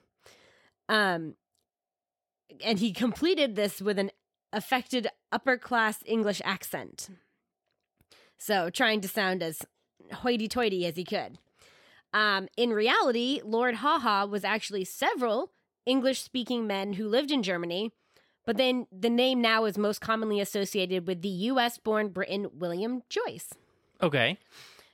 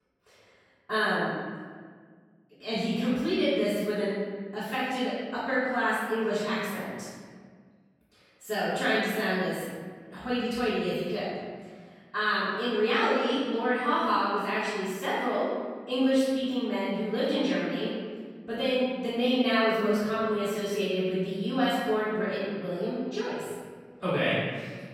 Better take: first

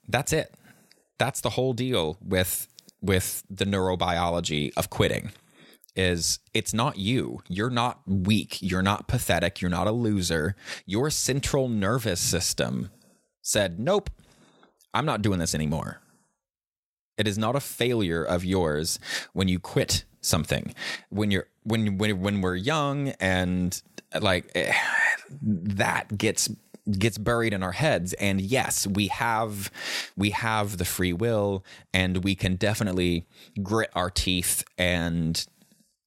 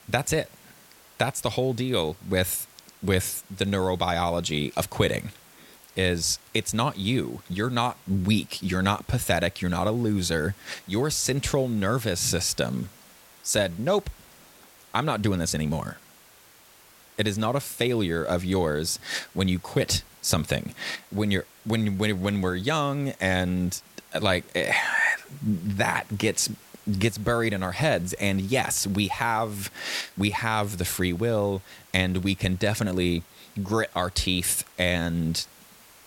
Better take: first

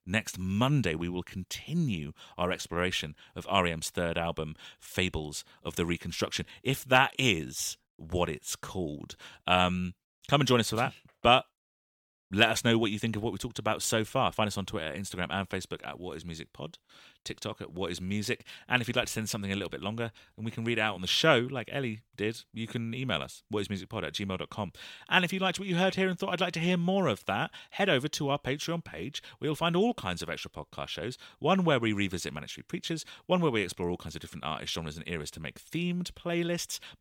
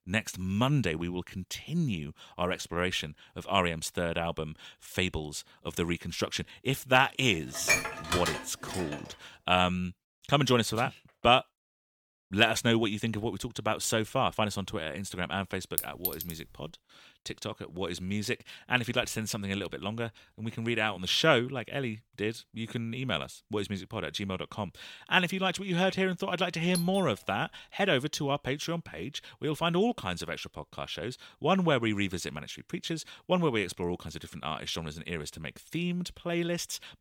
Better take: first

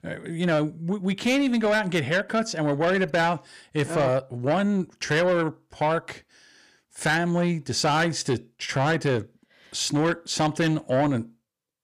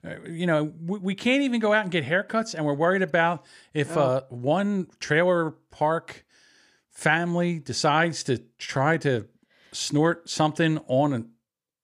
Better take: second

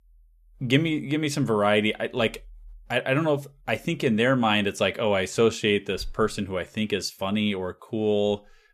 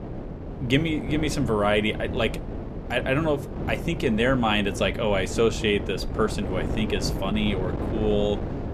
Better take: first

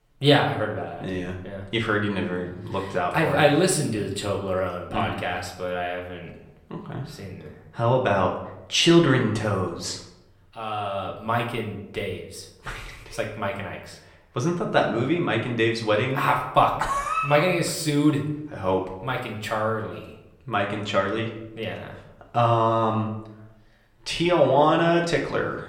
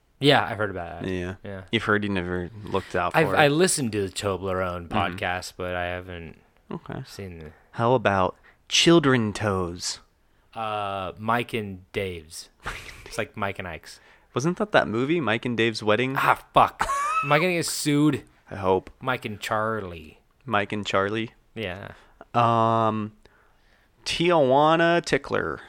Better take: second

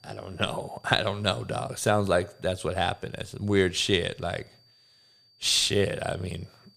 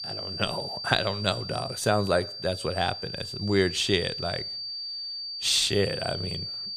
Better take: first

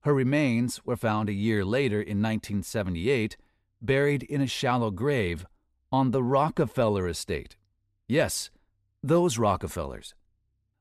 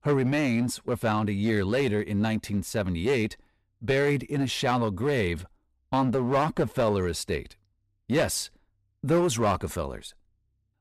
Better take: first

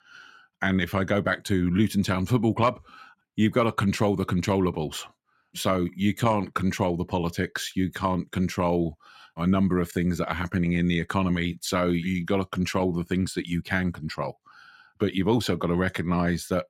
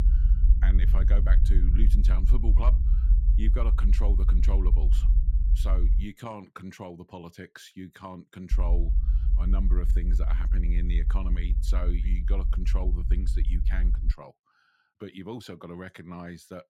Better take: first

